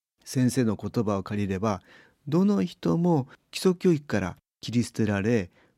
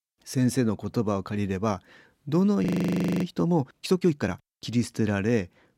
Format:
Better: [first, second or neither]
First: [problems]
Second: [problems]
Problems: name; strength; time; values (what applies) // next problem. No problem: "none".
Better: first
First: none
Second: audio freezing; at 2.5 s for 0.5 s